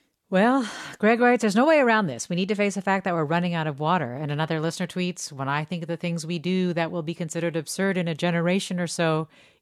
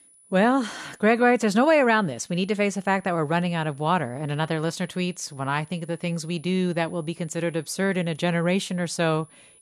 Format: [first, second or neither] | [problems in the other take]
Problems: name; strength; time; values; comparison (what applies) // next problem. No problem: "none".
first | high-pitched whine; faint; throughout; 10 kHz, 25 dB below the speech